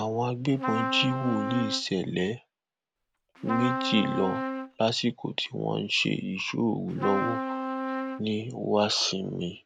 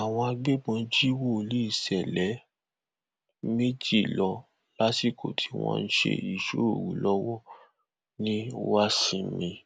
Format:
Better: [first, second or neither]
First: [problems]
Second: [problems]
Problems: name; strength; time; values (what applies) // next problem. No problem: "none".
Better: second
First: background sound (Trumpet); 4 dB below the speech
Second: none